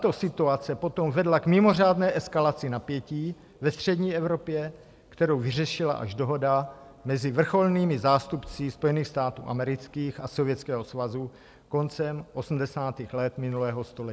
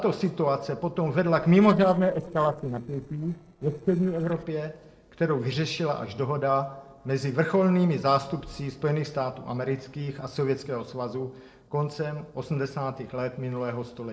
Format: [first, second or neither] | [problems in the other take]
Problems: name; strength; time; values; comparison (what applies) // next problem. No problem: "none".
first | noise reduction (neural separator model SepFormer DNS4)